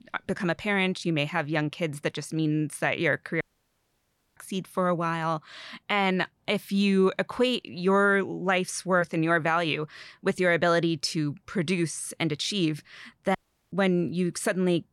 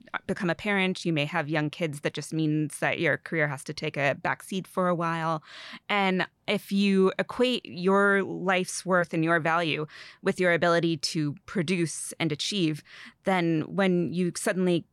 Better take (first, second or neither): second